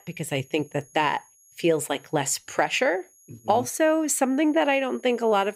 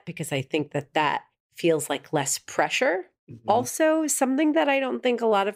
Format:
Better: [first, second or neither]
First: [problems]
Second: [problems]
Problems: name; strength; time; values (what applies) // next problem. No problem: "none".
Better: second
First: high-pitched whine; faint; throughout; 6.5 kHz, 30 dB below the speech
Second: none